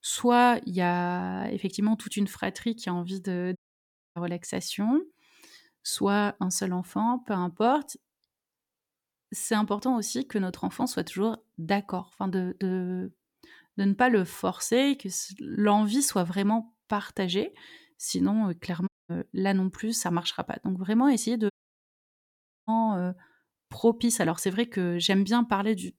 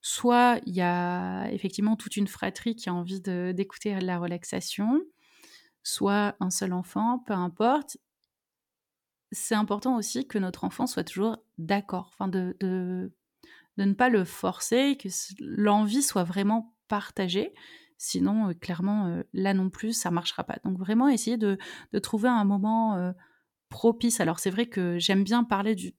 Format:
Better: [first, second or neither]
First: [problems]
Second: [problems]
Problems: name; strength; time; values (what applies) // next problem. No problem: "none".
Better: second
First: audio cutting out; at 3.5 s for 0.5 s, at 19 s and at 22 s for 1 s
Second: none